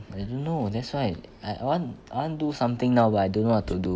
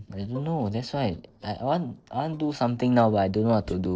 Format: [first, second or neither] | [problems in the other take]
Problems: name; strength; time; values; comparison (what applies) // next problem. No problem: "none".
first | noise reduction (neural separator model SepFormer DNS4)